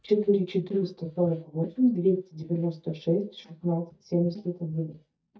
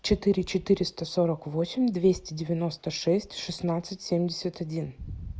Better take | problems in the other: second | noise reduction (neural mask model DeepFilterNet 3)

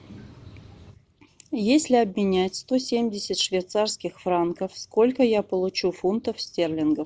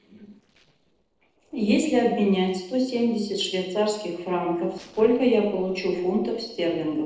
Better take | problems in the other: first | noise reduction (neural separator model SepFormer DNS4)

